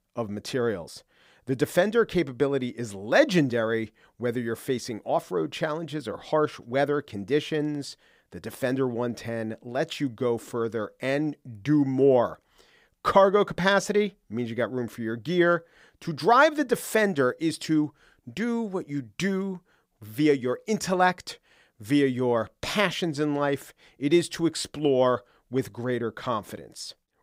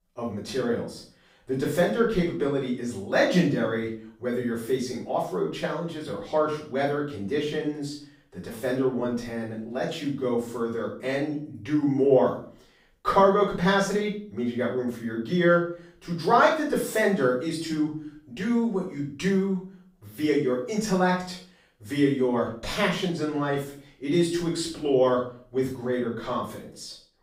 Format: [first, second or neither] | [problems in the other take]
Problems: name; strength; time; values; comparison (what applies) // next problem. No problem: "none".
first | off-mic speech; far // room echo; noticeable; dies away in 0.4 s